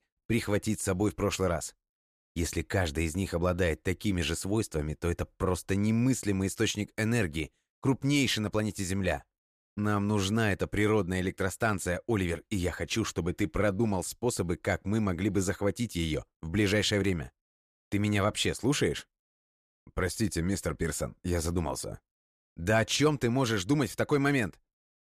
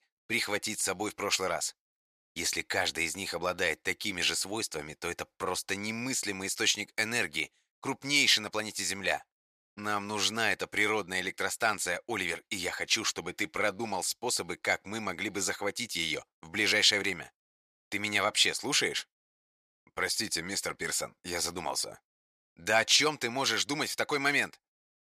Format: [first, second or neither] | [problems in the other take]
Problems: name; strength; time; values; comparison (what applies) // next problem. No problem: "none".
first | thin; somewhat; fading below 1 kHz